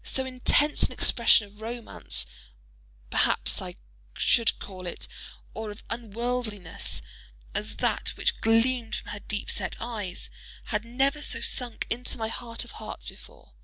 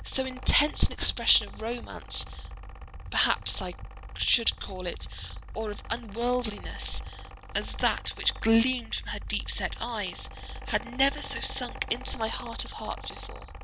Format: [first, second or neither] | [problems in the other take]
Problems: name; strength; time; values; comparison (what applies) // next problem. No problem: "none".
first | background sound (Mechanical fan); 11 dB below the speech